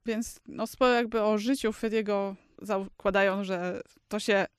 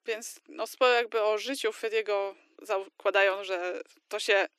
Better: first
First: none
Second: thin; very; fading below 300 Hz

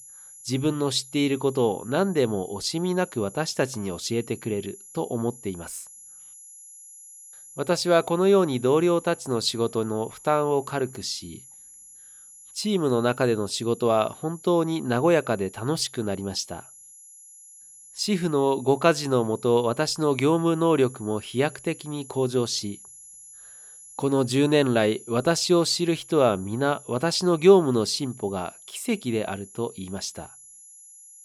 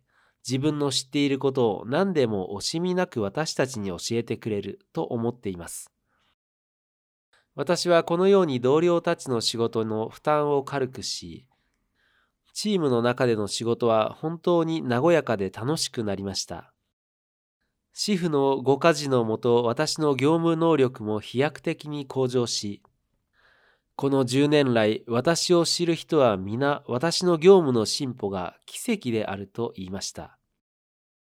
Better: second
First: high-pitched whine; noticeable; throughout; 11 kHz, 20 dB below the speech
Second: none

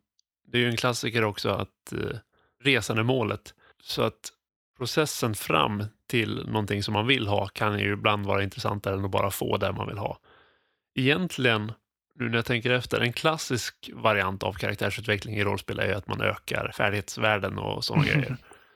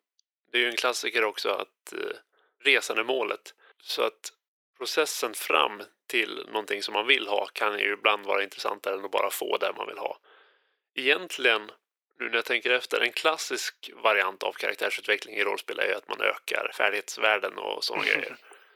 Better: first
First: none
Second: thin; very; fading below 400 Hz

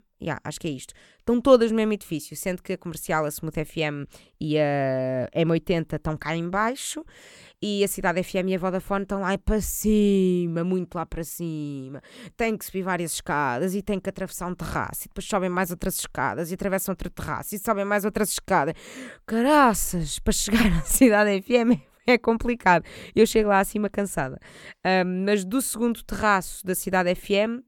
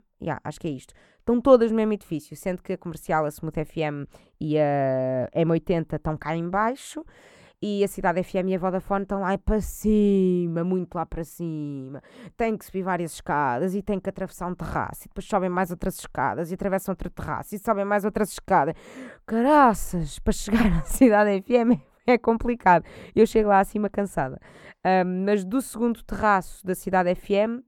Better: first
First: none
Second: muffled; slightly; fading above 2 kHz

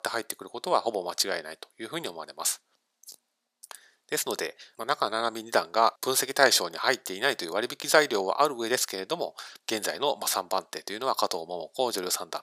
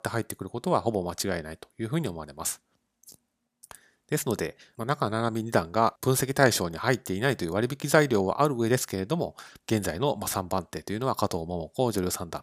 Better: second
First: thin; somewhat; fading below 500 Hz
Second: none

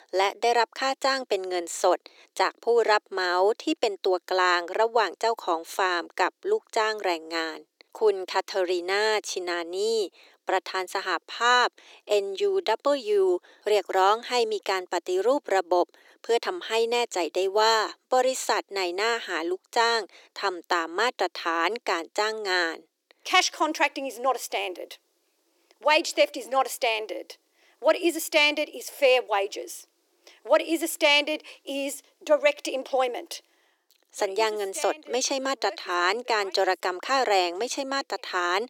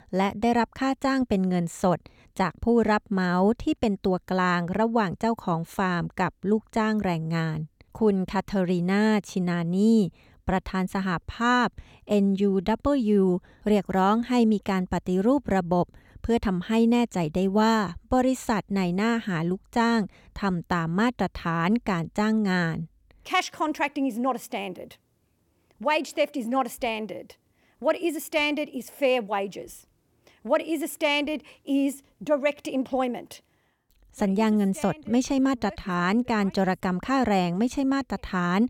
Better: second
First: thin; very; fading below 350 Hz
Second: none

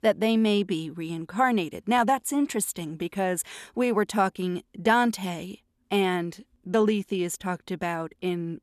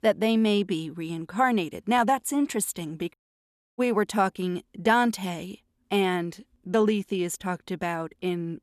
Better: first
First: none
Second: audio cutting out; at 3 s for 0.5 s

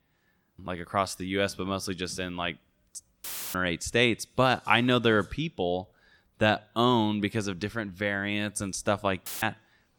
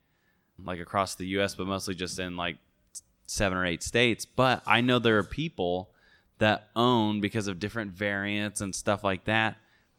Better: second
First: audio cutting out; filled with static; at 3 s and at 9.5 s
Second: none

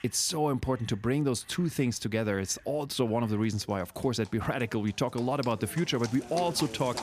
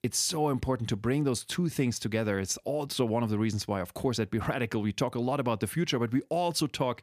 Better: second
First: animal sounds; noticeable; throughout; 15 dB below the speech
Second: none

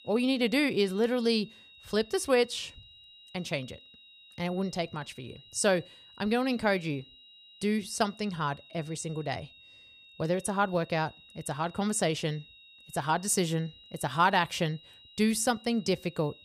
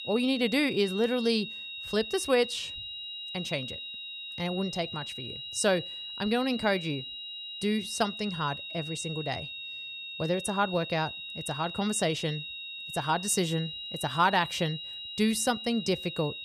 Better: first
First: high-pitched whine; faint; throughout; 4 kHz, 20 dB below the speech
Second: high-pitched whine; loud; throughout; 4 kHz, 7 dB below the speech

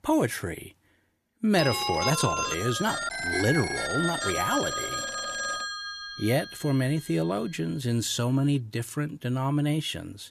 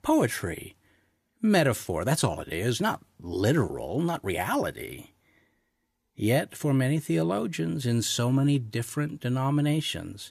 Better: second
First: phone ringing; loud; from 1.5 to 6.5 s; peak 1 dB above the speech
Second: none

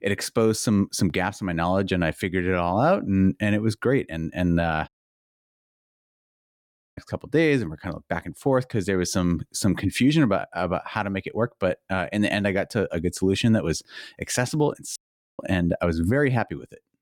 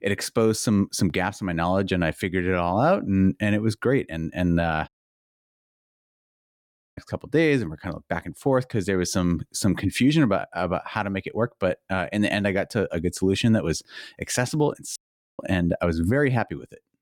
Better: neither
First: audio cutting out; at 5 s for 2 s and at 15 s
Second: audio cutting out; at 5 s for 2 s and at 15 s

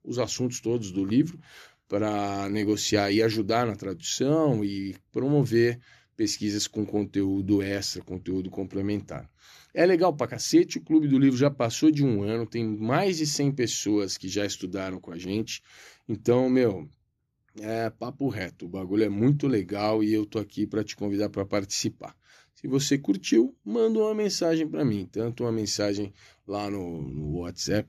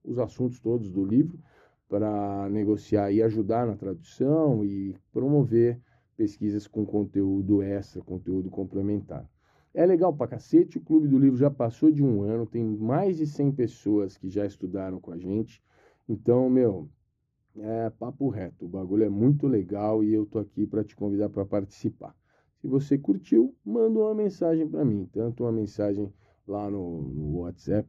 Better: first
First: none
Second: muffled; very; fading above 1.5 kHz

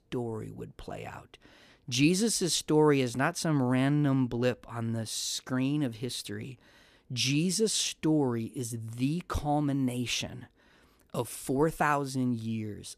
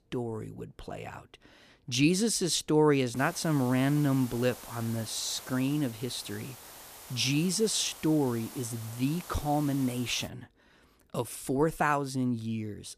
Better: first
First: none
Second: hiss; noticeable; from 3 to 10 s; 15 dB below the speech

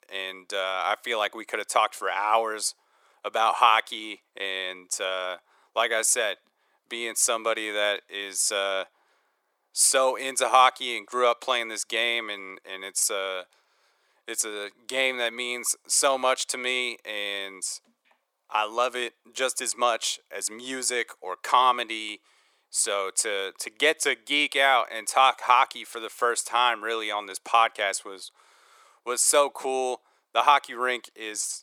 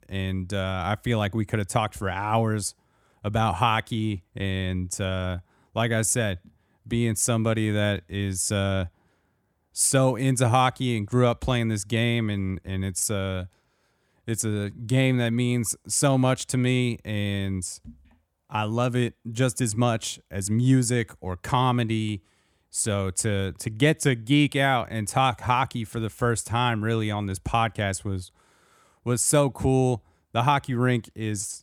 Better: second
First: thin; very; fading below 450 Hz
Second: none

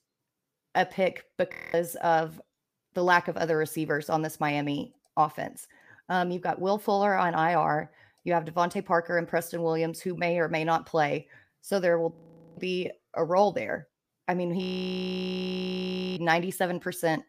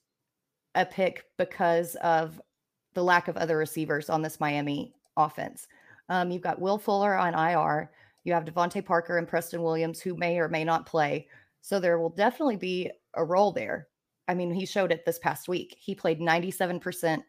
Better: second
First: audio freezing; at 1.5 s, at 12 s and at 15 s for 1.5 s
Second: none

